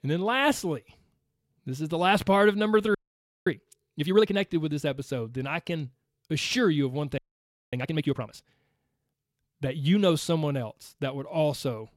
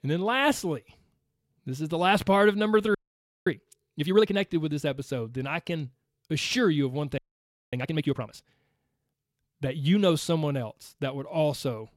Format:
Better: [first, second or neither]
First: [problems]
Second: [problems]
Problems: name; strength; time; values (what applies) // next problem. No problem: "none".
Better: neither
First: audio freezing; at 3 s for 0.5 s and at 7 s for 0.5 s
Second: audio freezing; at 3 s for 0.5 s and at 7 s for 0.5 s